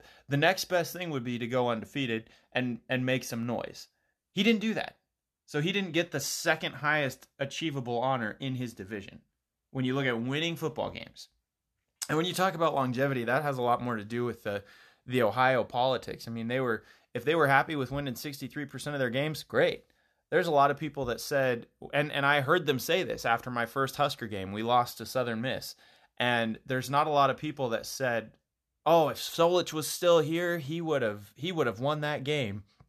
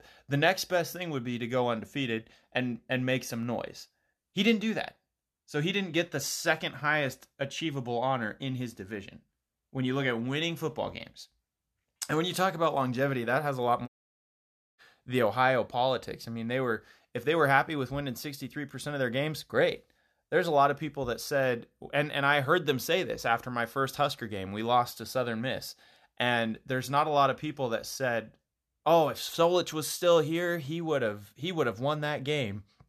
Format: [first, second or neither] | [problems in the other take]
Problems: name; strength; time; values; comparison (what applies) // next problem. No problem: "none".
first | audio cutting out; at 14 s for 1 s